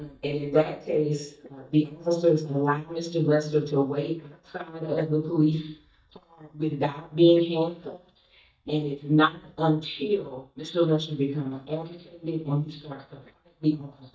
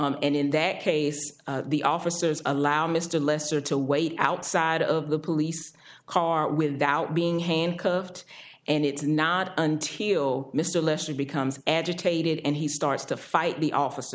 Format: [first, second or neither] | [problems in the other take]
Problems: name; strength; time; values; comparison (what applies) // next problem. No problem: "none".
second | noise reduction (neural mask model DeepFilterNet 3)